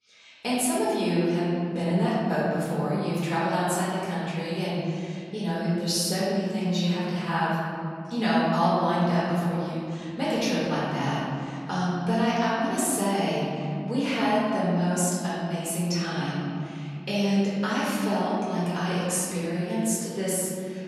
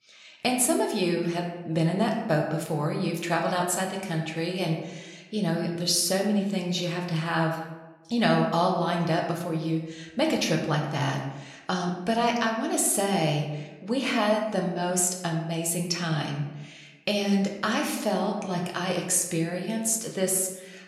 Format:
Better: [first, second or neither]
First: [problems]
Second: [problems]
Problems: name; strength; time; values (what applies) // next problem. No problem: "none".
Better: second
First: room echo; strong; dies away in 2.8 s // off-mic speech; far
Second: room echo; slight; dies away in 0.8 s